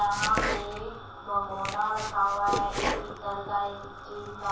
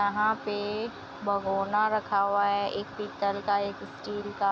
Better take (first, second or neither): second